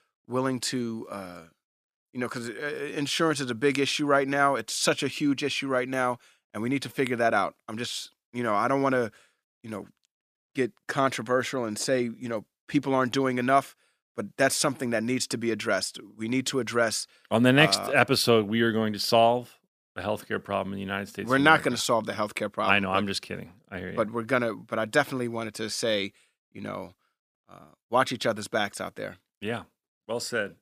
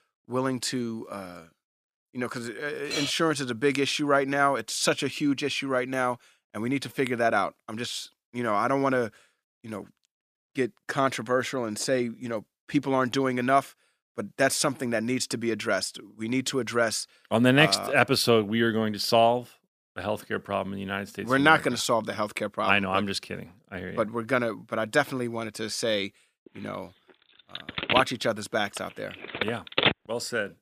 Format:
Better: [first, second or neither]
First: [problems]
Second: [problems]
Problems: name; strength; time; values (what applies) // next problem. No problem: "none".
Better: first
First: none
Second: clattering dishes; noticeable; at 3 s; peak 4 dB below the speech // phone ringing; loud; from 28 to 30 s; peak 3 dB above the speech